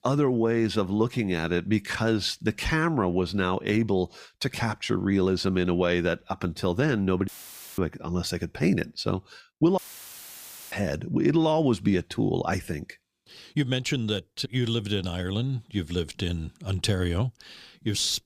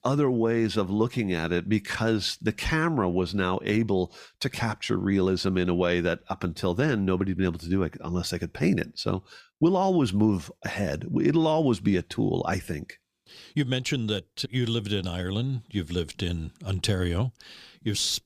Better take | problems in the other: second | audio cutting out; filled with static; at 7.5 s for 0.5 s and at 10 s for 1 s

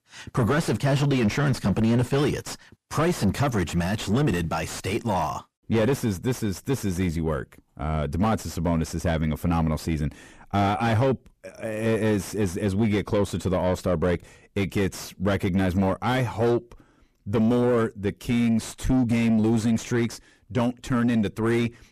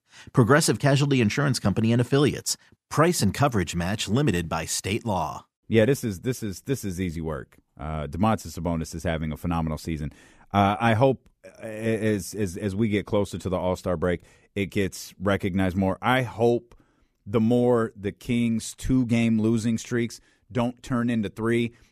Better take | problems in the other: second | distortion; heavy; 6 dB below the speech

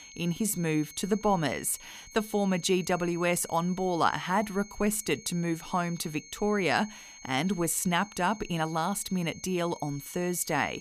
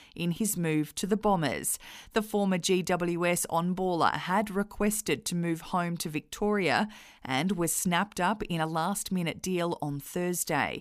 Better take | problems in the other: second | high-pitched whine; noticeable; throughout; 6.5 kHz, 20 dB below the speech

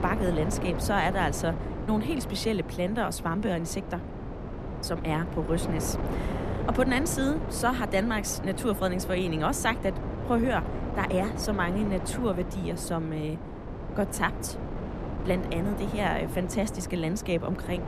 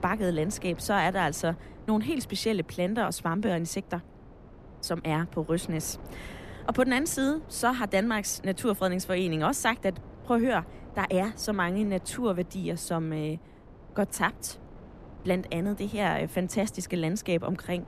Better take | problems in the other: second | wind noise on the microphone; heavy; 8 dB below the speech; occasional gusts in the second

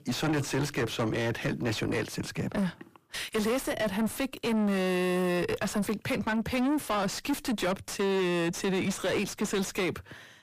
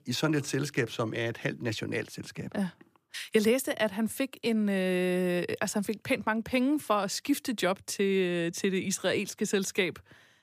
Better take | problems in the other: second | distortion; heavy; 5 dB below the speech

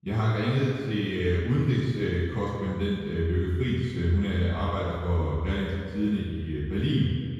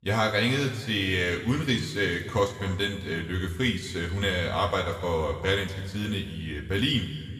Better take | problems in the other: second | room echo; strong; dies away in 2 s; slight in the second // off-mic speech; far; somewhat distant in the second

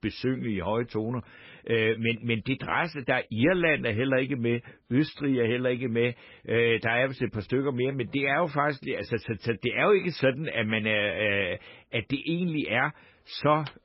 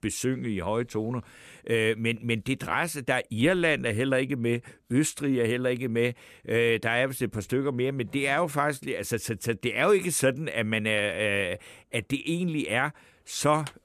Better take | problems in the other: second | garbled, watery; badly; nothing above 5.5 kHz

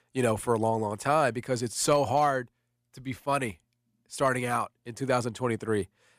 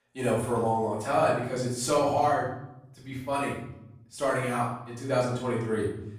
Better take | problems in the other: first | off-mic speech; far // room echo; noticeable; dies away in 0.8 s

